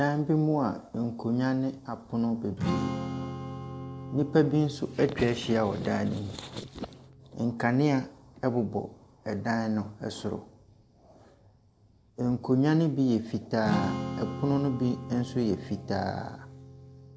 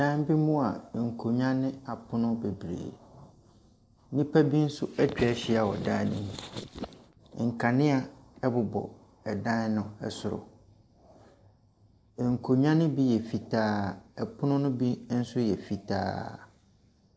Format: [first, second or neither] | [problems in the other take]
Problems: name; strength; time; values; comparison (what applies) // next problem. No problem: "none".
second | background sound (Strum); 10 dB below the speech